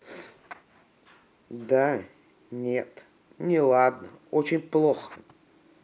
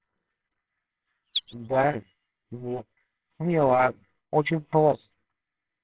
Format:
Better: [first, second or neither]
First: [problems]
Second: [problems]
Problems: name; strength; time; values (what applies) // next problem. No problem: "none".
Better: first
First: none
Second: noise reduction (neural separator model SepFormer WHAMR!)